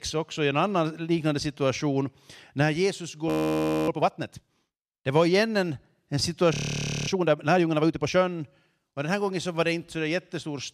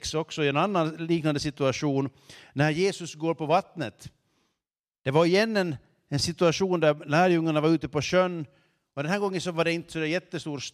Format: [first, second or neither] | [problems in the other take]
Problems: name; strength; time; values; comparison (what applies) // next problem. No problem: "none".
second | audio freezing; at 3.5 s for 0.5 s and at 6.5 s for 0.5 s